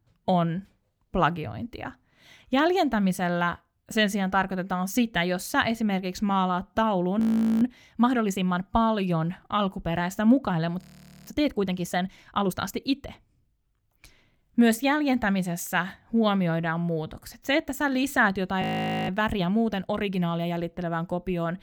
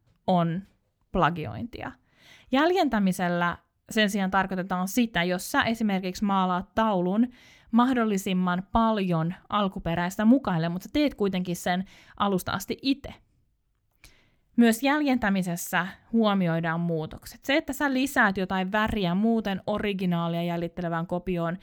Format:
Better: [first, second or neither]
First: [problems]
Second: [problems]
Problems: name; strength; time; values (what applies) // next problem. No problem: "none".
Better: second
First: audio freezing; at 7 s, at 11 s and at 19 s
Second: none